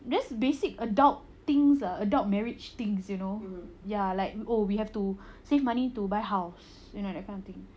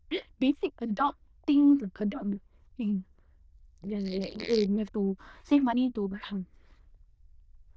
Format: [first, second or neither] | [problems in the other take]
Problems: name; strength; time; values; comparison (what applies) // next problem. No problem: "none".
first | noise reduction (neural diffusion model UNIVERSE++)